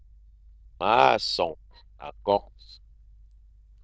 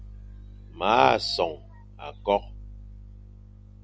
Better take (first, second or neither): second